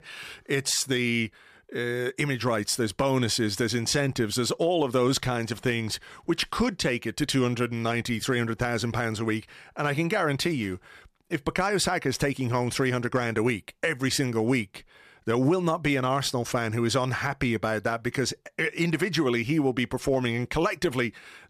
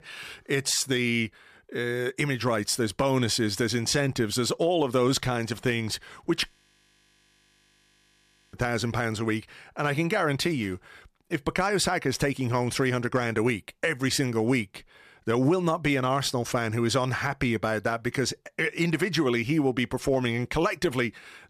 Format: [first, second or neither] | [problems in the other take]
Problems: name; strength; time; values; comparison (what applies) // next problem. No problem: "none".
first | audio freezing; at 6.5 s for 2 s